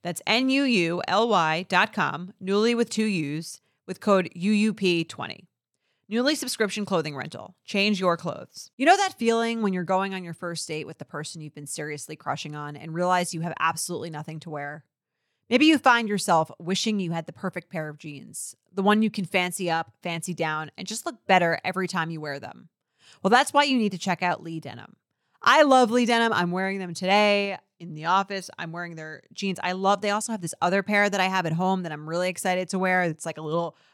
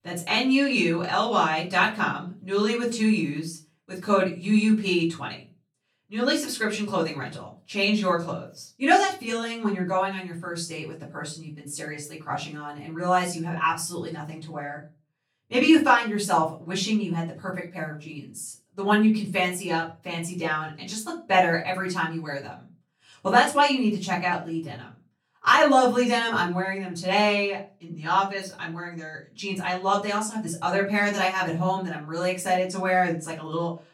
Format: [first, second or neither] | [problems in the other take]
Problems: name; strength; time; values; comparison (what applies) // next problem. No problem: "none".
first | off-mic speech; far // room echo; slight; dies away in 0.3 s